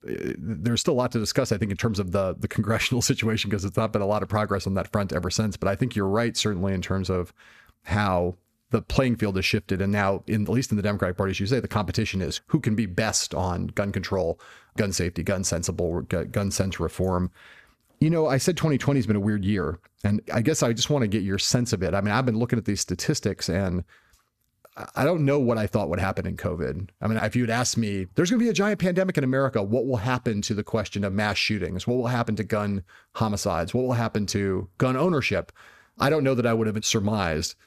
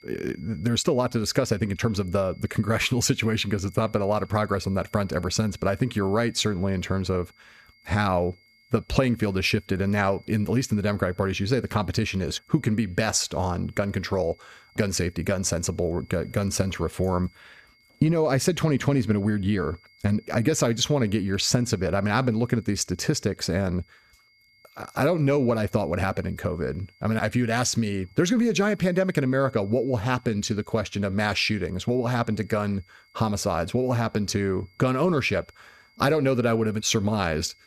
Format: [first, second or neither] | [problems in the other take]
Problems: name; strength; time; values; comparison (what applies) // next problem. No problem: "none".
first | high-pitched whine; faint; throughout; 2 kHz, 30 dB below the speech